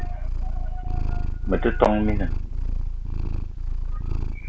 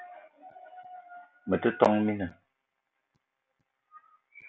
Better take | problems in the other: second | background sound (Purr); 4 dB above the speech

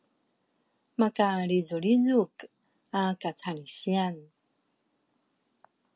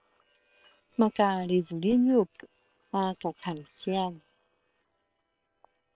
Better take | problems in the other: first | noise reduction (neural separator model SepFormer WHAM!)

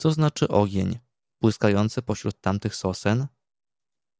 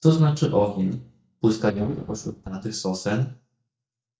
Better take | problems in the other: first | noise reduction (neural mask model DeepFilterNet 3)

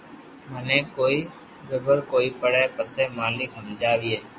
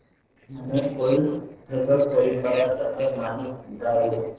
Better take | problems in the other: first | noise reduction (neural separator model SepFormer DNS4)

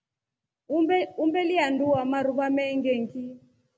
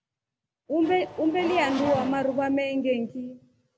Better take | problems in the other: first | background sound (Race car, auto racing / Accelerating, revving, vroom); 10 dB below the speech

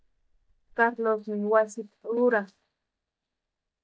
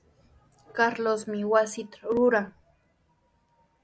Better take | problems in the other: second | noise reduction (neural mask model DeepFilterNet 3)

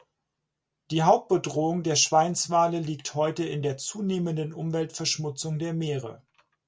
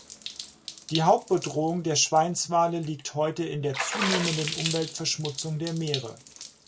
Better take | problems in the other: first | background sound (Water / Splash, splatter); 9 dB below the speech

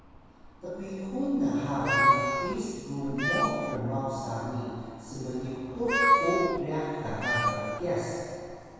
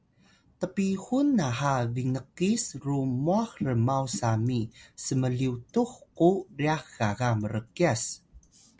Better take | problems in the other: second | background sound (Meow); 1 dB above the speech // room echo; dies away in 2.2 s

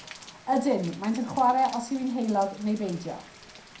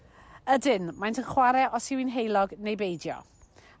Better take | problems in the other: second | background sound (Rain); 20 dB below the speech // room echo; dies away in 0.4 s

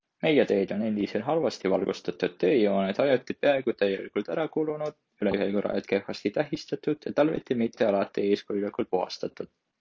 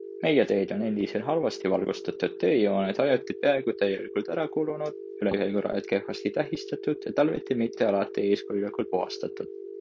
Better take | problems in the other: first | background sound (Telephone); 12 dB below the speech

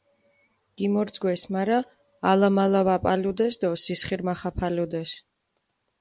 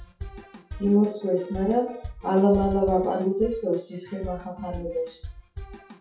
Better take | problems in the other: first | noise reduction (classical method WPE with log-MMSE)

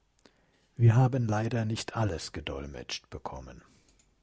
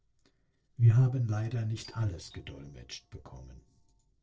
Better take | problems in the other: first | noise reduction (neural separator model SepFormer DNS4)

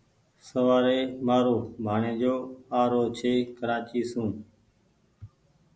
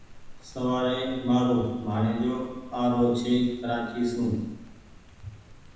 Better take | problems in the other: first | background sound (Rain); 19 dB below the speech // room echo; dies away in 1 s

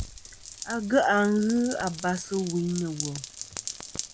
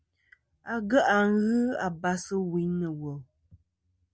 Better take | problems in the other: second | background sound (Rain); 11 dB below the speech

